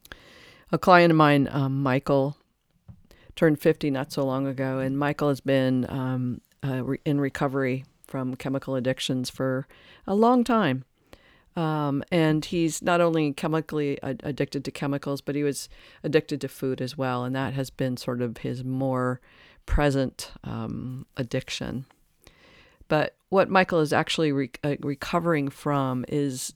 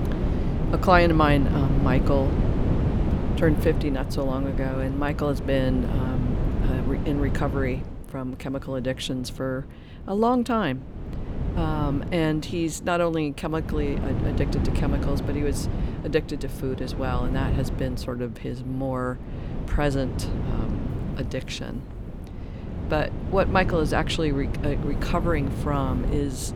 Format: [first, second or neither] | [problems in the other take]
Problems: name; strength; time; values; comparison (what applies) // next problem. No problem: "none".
first | wind noise on the microphone; heavy; 9 dB below the speech